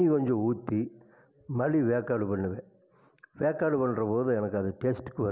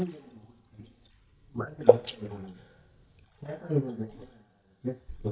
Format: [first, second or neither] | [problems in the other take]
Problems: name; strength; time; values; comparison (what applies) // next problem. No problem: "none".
first | noise reduction (neural mask model DeepFilterNet 3)